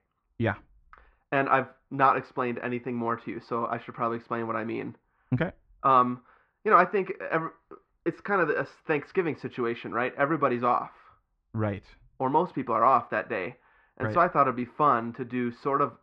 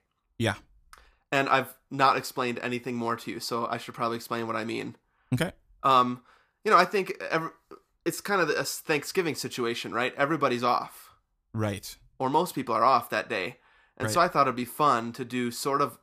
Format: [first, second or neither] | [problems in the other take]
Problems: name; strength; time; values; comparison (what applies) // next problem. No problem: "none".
second | muffled; very; fading above 2 kHz